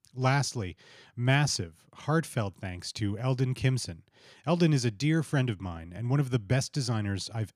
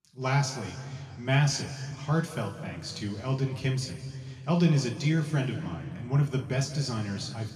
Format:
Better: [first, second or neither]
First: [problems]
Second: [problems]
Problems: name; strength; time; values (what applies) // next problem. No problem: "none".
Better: first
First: none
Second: room echo; noticeable; dies away in 1.9 s // off-mic speech; somewhat distant